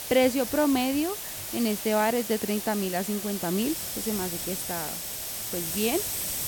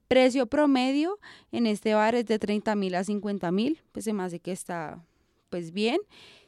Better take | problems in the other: second | hiss; loud; throughout; 3 dB below the speech

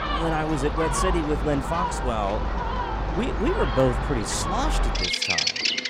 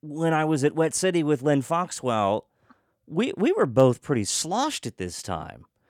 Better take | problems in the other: second | animal sounds; very loud; throughout; 1 dB above the speech

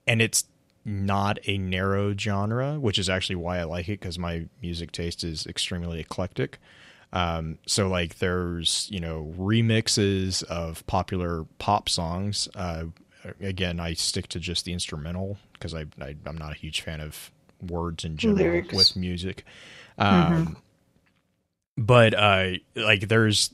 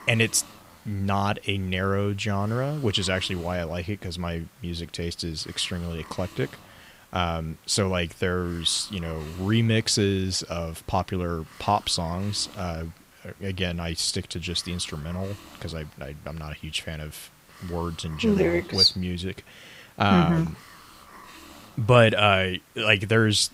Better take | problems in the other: first | hiss; faint; throughout; 25 dB below the speech

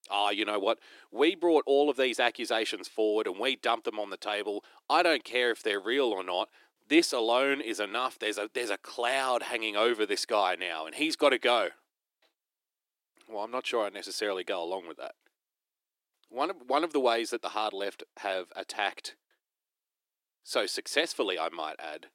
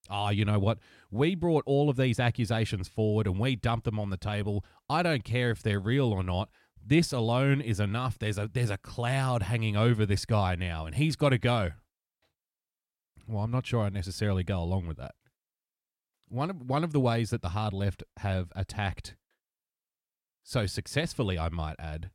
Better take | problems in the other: second | thin; very; fading below 350 Hz

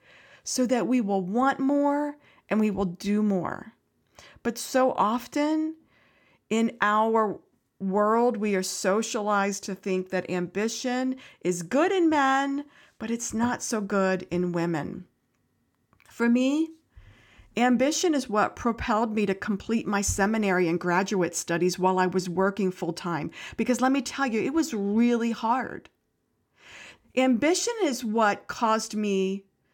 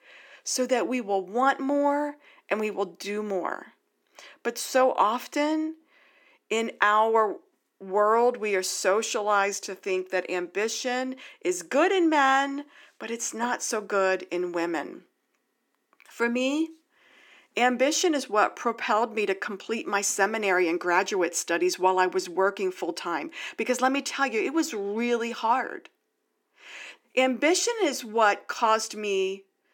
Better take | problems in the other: first | thin; somewhat; fading below 300 Hz

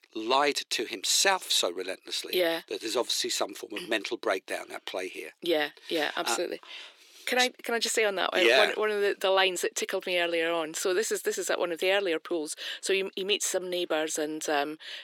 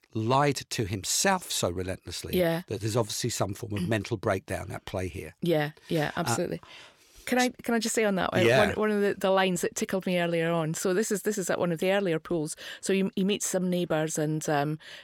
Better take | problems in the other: second | thin; somewhat; fading below 350 Hz

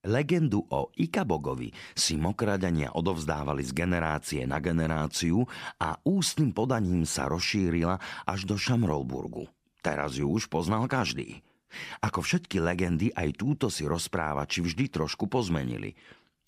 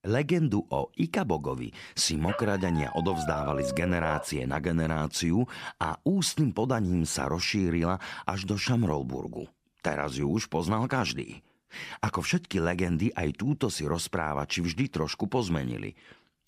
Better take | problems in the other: first | dog barking; noticeable; from 2.5 to 4.5 s; peak 4 dB below the speech

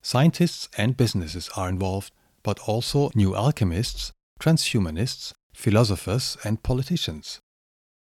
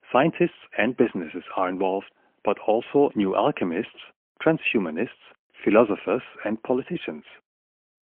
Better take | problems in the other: first | phone-call audio; poor line

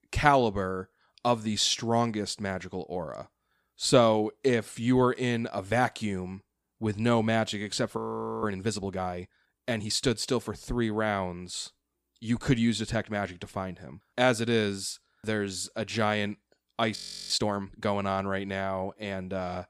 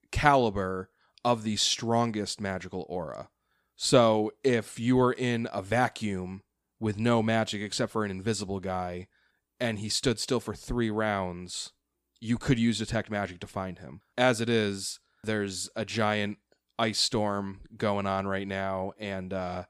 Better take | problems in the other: second | audio freezing; at 8 s and at 17 s

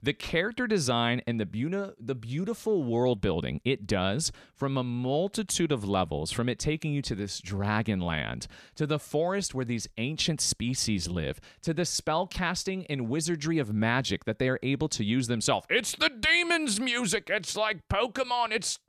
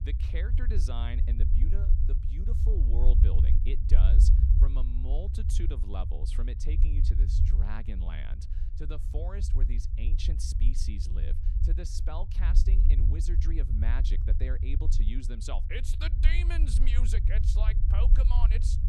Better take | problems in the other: first | low rumble; loud; throughout; 4 dB below the speech

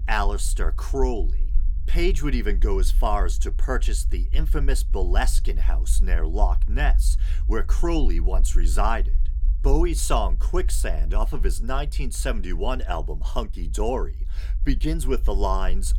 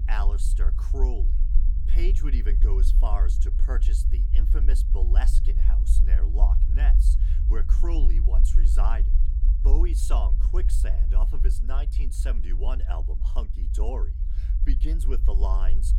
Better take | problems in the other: first | low rumble; loud; throughout; 7 dB below the speech; faint in the first

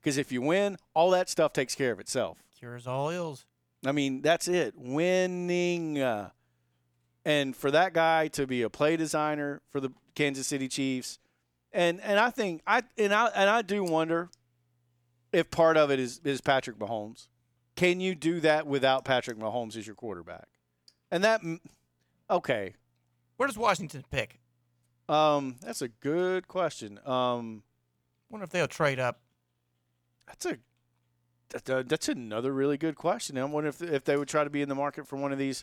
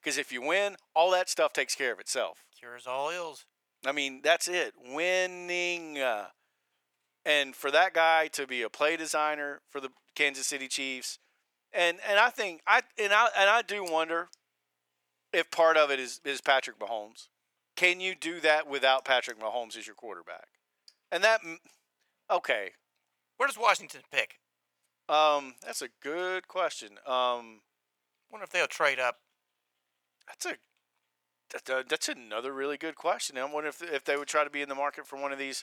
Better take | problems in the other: first | thin; somewhat; fading below 600 Hz

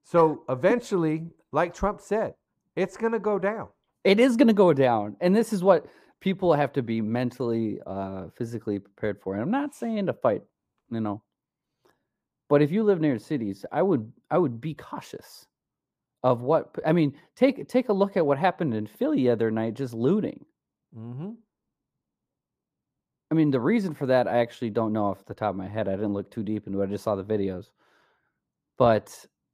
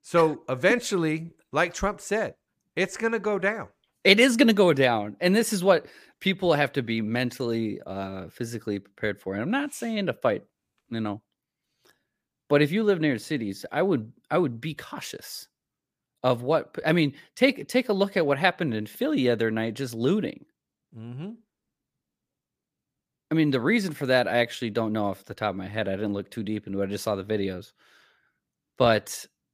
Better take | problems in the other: second | muffled; slightly; fading above 1 kHz

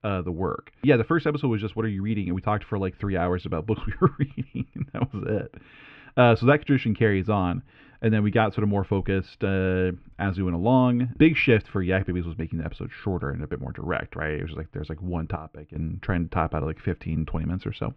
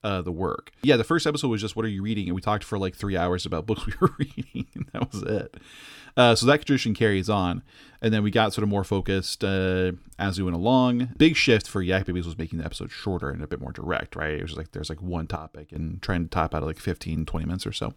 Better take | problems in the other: second | muffled; very; fading above 2.5 kHz

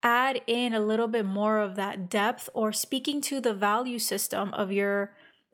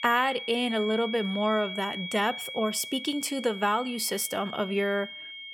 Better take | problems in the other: first | high-pitched whine; loud; throughout; 3.5 kHz, 8 dB below the speech

